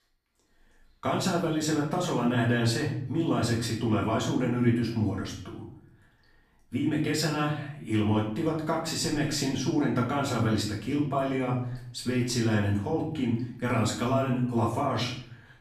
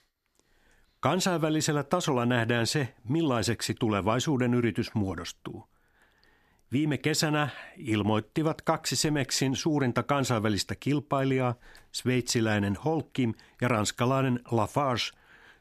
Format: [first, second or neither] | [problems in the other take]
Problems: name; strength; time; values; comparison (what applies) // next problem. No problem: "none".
second | off-mic speech; far // room echo; noticeable; dies away in 0.6 s